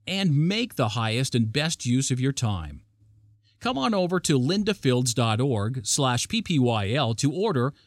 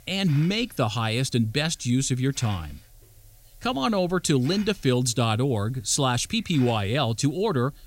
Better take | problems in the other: first | hiss; faint; throughout; 25 dB below the speech

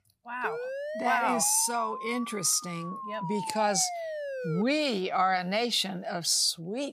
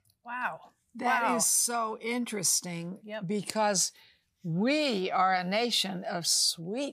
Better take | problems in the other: second | siren; noticeable; until 4.5 s; peak 8 dB below the speech

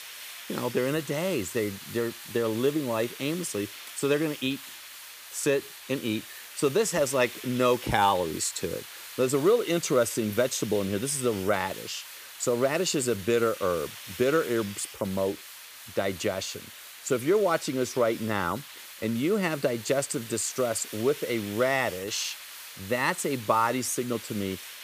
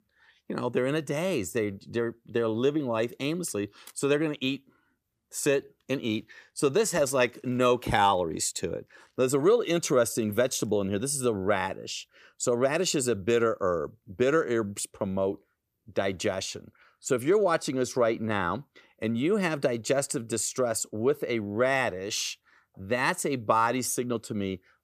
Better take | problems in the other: second | hiss; noticeable; throughout; 15 dB below the speech

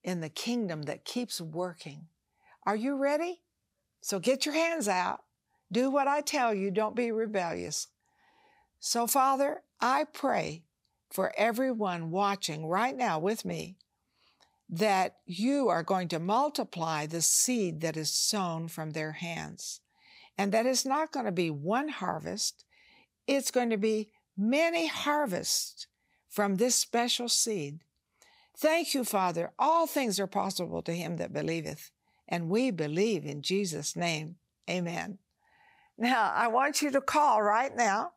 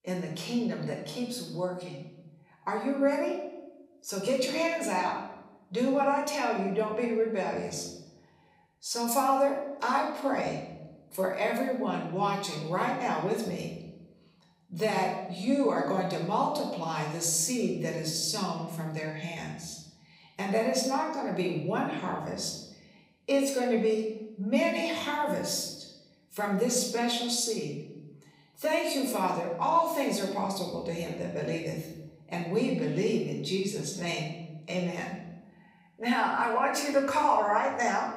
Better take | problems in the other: first | off-mic speech; somewhat distant // room echo; noticeable; dies away in 0.9 s

